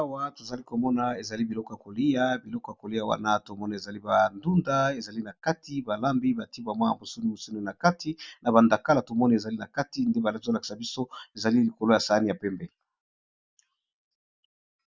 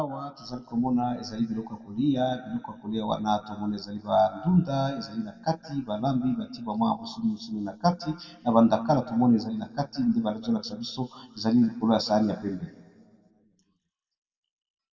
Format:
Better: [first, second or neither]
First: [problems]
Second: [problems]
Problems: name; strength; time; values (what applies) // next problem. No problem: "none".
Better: first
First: none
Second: room echo; dies away in 1.6 s